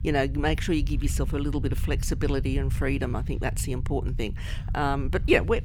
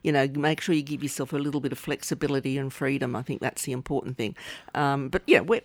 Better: second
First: low rumble; noticeable; throughout; 15 dB below the speech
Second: none

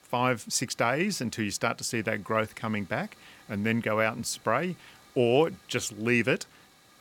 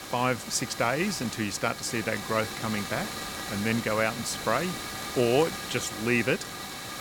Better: first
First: hiss; faint; throughout; 30 dB below the speech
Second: hiss; loud; throughout; 7 dB below the speech

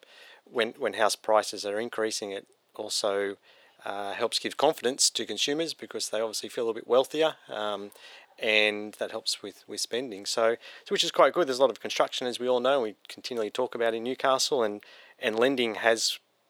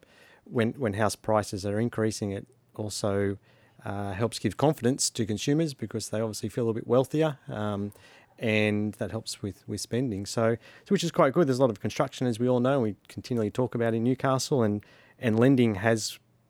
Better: second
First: thin; somewhat; fading below 550 Hz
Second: none

